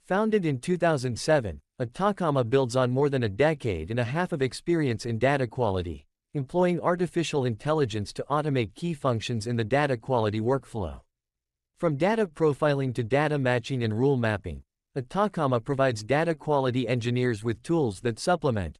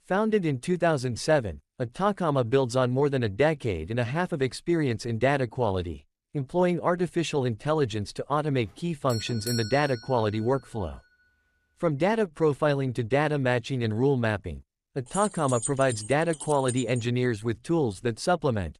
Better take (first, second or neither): first